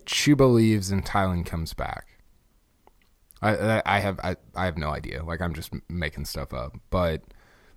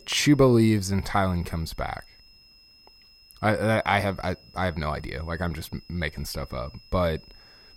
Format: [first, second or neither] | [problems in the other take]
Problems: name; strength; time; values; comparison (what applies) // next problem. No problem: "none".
first | high-pitched whine; faint; throughout; 5 kHz, 25 dB below the speech